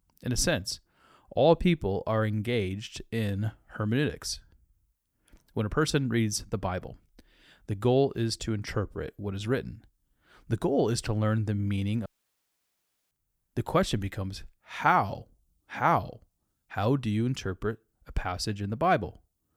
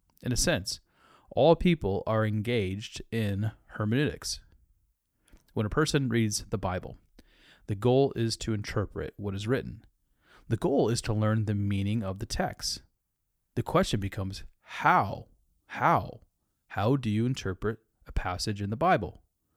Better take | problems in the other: second | audio cutting out; at 12 s for 1 s

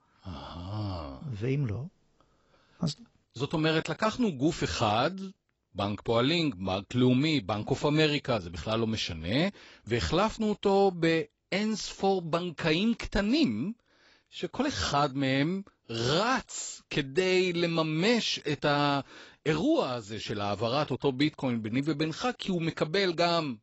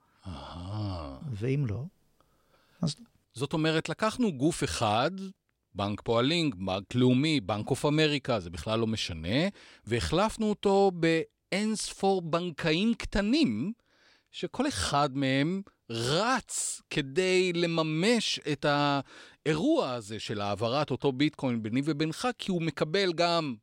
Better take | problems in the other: second | garbled, watery; badly; nothing above 7.5 kHz

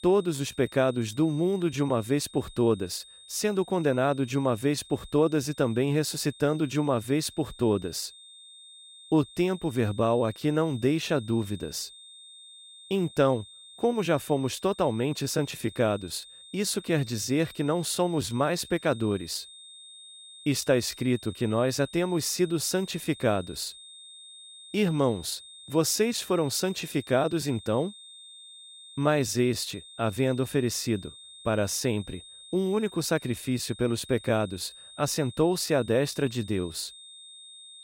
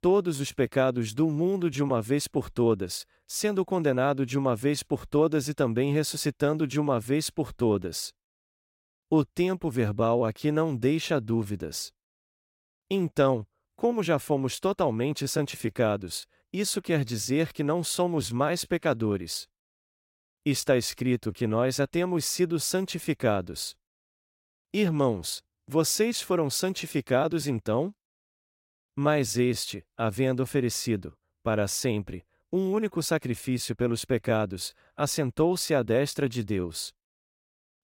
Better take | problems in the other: second | high-pitched whine; noticeable; throughout; 3.5 kHz, 20 dB below the speech

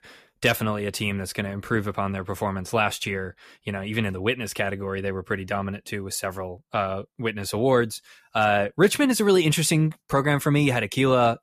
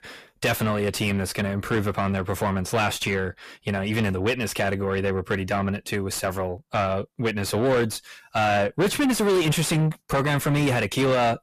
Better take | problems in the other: first | distortion; heavy; 6 dB below the speech

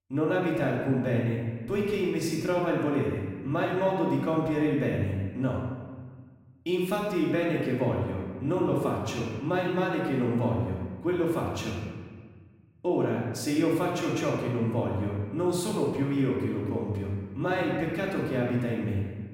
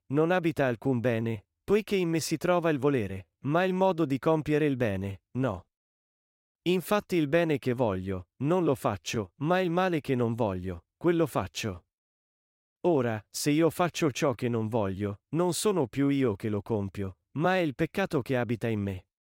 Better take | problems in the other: second | off-mic speech; far // room echo; noticeable; dies away in 1.4 s

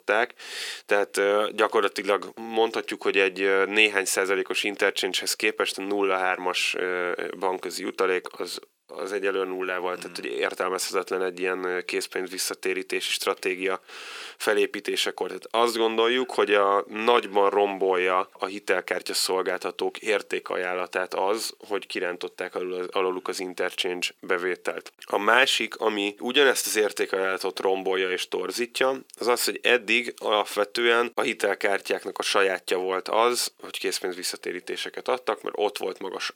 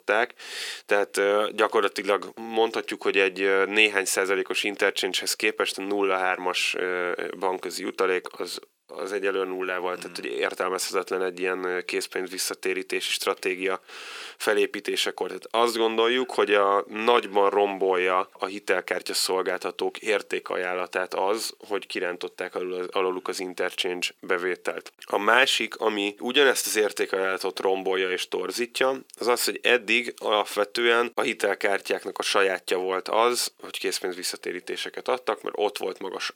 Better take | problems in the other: neither | thin; very; fading below 350 Hz; the same in both

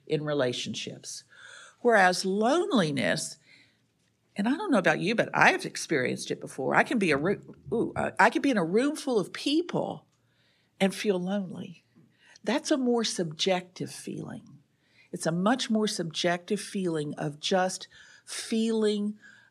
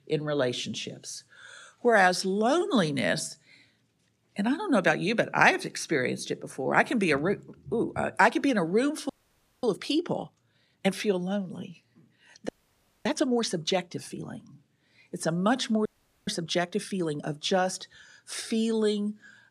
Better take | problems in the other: first | audio freezing; at 9 s for 0.5 s, at 12 s for 0.5 s and at 16 s

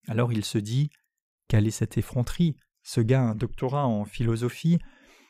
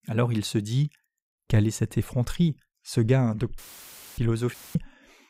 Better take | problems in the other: first | audio cutting out; filled with static; at 3.5 s for 0.5 s and at 4.5 s

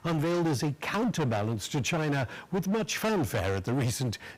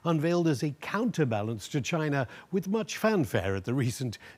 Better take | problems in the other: second | distortion; heavy; 24% of the sound clipped

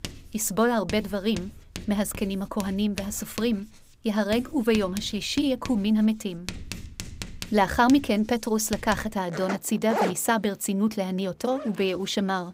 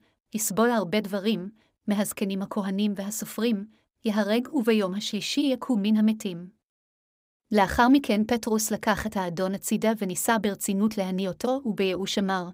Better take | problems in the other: second | household noises; noticeable; throughout; 10 dB below the speech

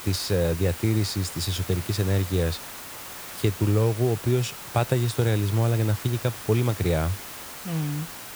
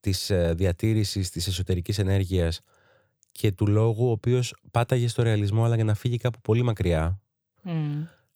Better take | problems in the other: second | hiss; noticeable; throughout; 10 dB below the speech

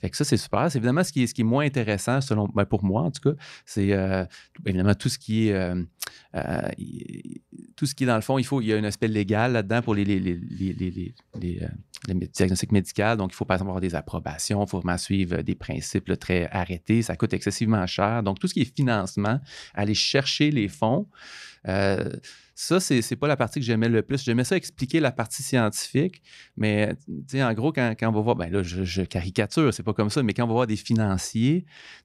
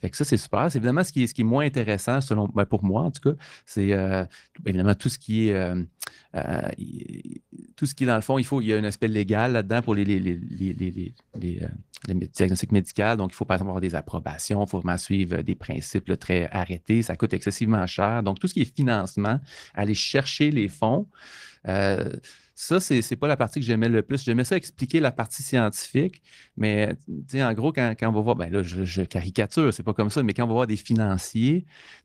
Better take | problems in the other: first | garbled, watery; slightly; nothing above 15.5 kHz

